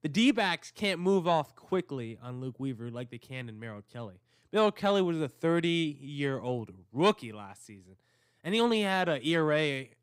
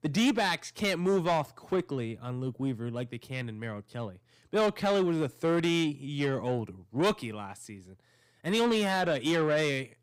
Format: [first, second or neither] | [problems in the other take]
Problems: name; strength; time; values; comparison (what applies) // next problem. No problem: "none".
first | distortion; slight; 10 dB below the speech